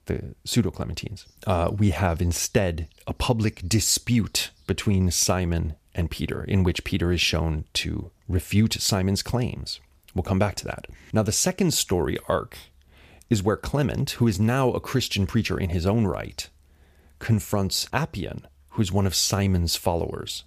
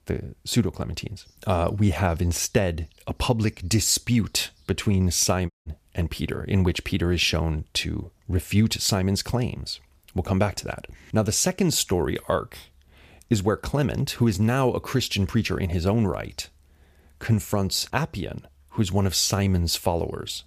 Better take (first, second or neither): first